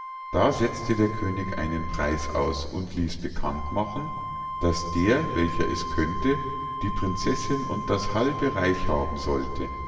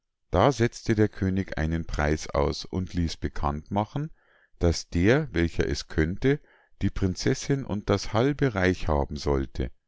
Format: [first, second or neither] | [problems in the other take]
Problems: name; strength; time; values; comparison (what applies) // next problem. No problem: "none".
second | background sound (Wind instrument, woodwind instrument); 8 dB below the speech // room echo; dies away in 2.1 s